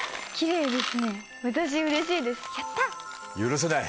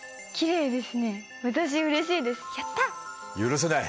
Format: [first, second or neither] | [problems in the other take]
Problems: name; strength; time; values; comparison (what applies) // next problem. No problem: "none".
second | background sound (Coin (dropping)); 10 dB below the speech